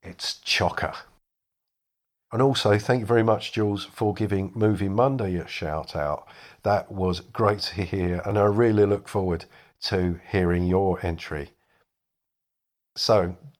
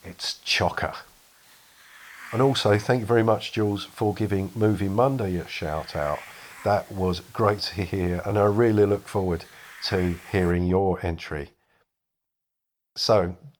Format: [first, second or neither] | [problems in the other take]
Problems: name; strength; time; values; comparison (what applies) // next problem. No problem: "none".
first | hiss; faint; until 11 s; 20 dB below the speech